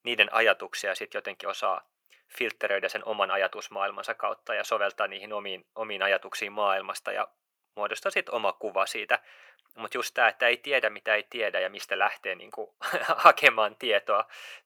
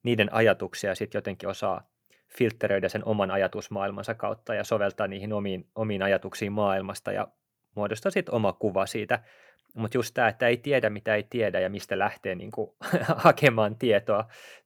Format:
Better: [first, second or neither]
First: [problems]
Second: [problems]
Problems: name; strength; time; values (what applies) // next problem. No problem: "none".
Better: second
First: thin; very; fading below 600 Hz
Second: none